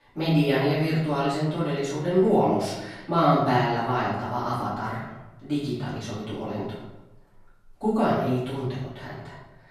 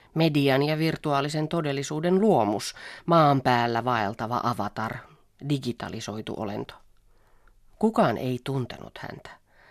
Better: second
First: off-mic speech; far // room echo; noticeable; dies away in 0.9 s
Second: none

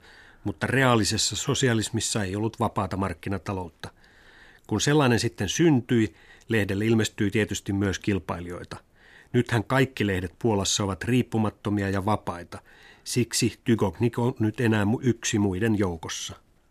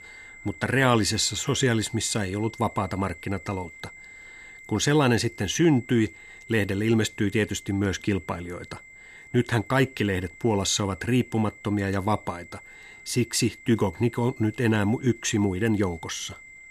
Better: first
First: none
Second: high-pitched whine; noticeable; throughout; 2 kHz, 20 dB below the speech

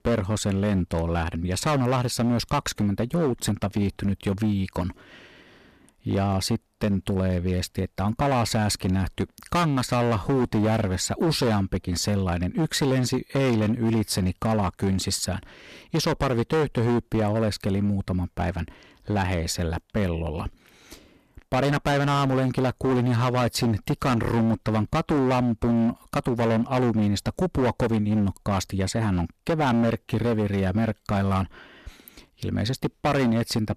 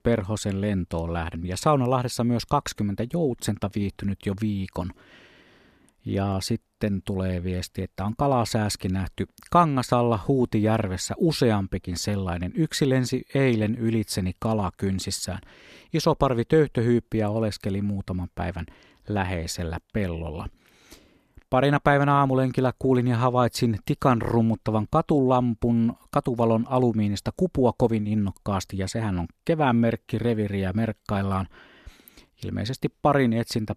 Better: second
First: distortion; heavy; 15% of the sound clipped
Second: none

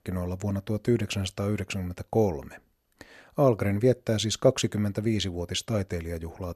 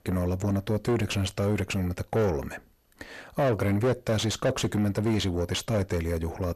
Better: first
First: none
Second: distortion; heavy; 6 dB below the speech

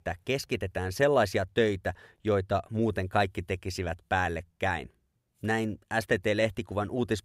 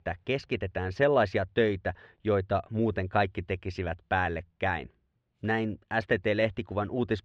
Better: first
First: none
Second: muffled; slightly; fading above 3.5 kHz

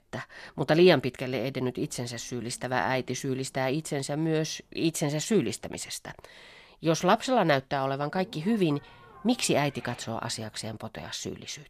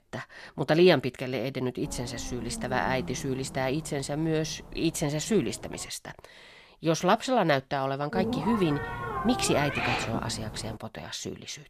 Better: first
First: hiss; faint; from 2 to 6 s and from 8 to 11 s; 25 dB below the speech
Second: hiss; loud; from 2 to 6 s and from 8 to 11 s; 6 dB below the speech

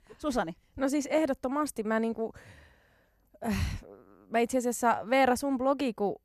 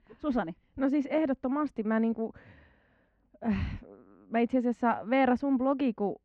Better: first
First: none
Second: muffled; very; fading above 3 kHz

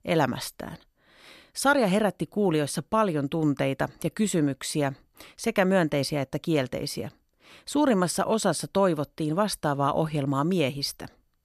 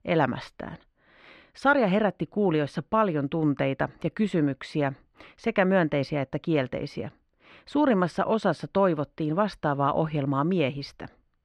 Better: first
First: none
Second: muffled; slightly; fading above 2.5 kHz

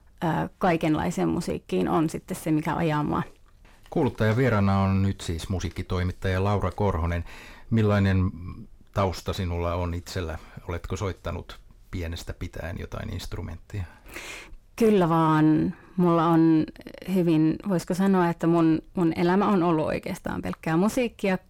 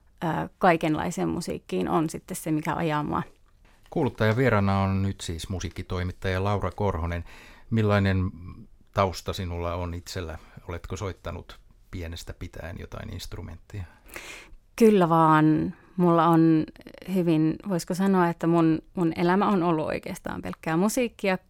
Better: second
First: distortion; slight; 10 dB below the speech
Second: none

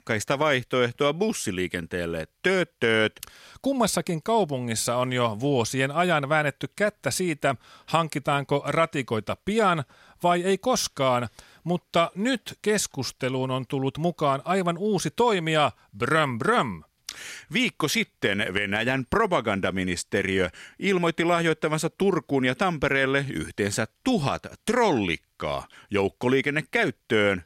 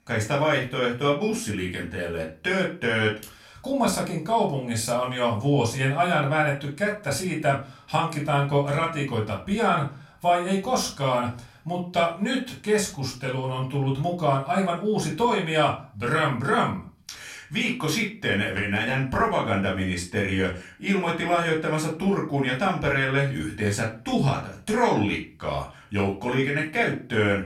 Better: first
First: none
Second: room echo; slight; dies away in 0.3 s // off-mic speech; far

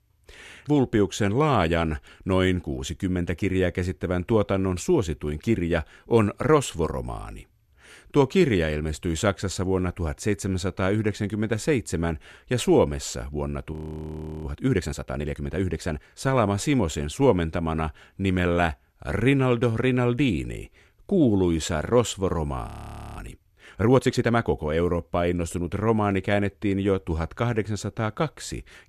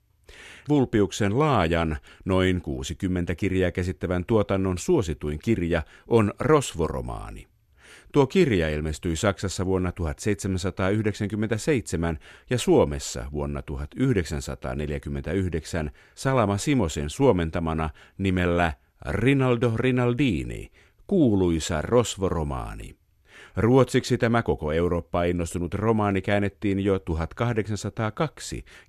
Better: second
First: audio freezing; at 14 s for 0.5 s and at 23 s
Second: none

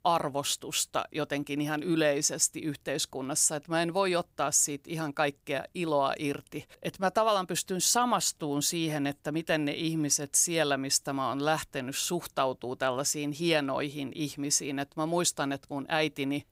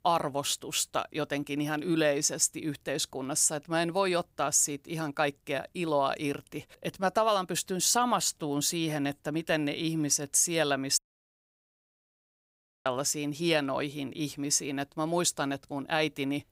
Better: first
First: none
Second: audio cutting out; at 11 s for 2 s

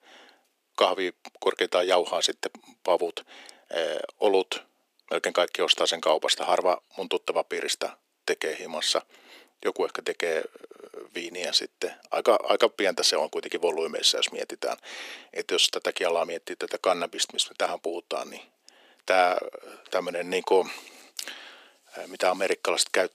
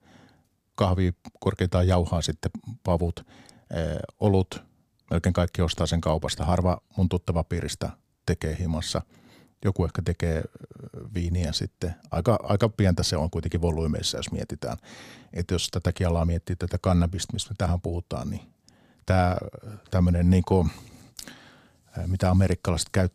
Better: second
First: thin; very; fading below 350 Hz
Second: none

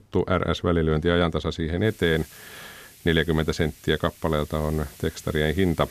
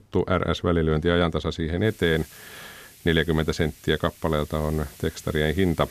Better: neither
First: hiss; faint; from 2 s on; 20 dB below the speech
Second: hiss; faint; from 2 s on; 20 dB below the speech

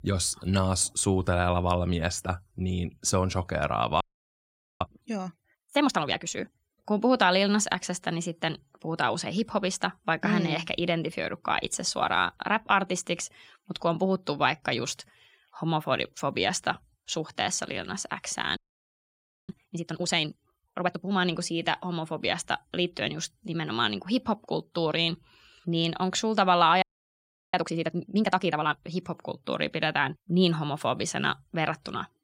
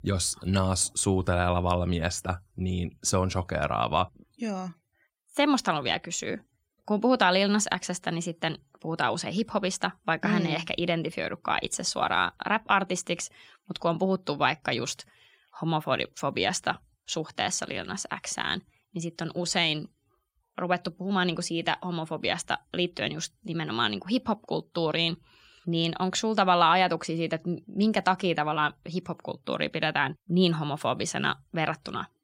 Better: second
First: audio freezing; at 4 s for 1 s, at 19 s for 1 s and at 27 s for 0.5 s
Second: none

